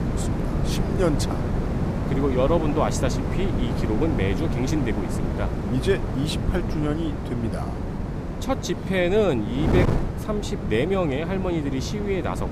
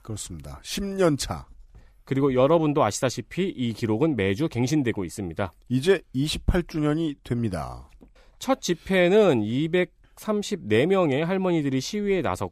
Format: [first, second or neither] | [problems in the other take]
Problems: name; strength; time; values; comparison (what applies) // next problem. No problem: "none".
second | wind noise on the microphone; heavy; 5 dB below the speech